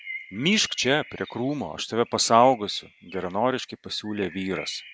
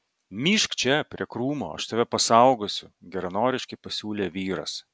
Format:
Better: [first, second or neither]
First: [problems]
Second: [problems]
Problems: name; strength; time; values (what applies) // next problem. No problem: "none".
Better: second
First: background sound (Bird); 18 dB below the speech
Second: none